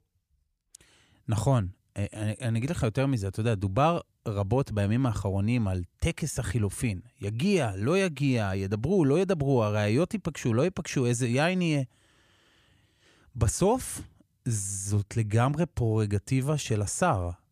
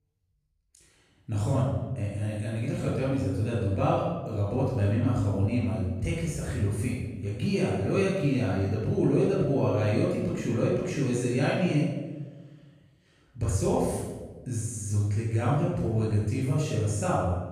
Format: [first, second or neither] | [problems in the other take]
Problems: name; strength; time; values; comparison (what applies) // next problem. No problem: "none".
first | off-mic speech; far // room echo; strong; dies away in 1.2 s